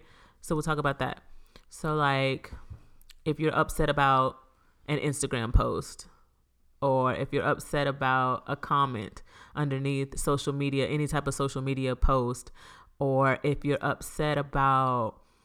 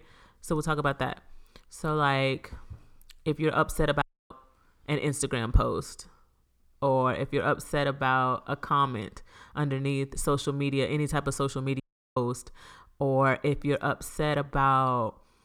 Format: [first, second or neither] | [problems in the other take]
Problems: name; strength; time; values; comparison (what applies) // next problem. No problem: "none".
first | audio cutting out; at 4 s and at 12 s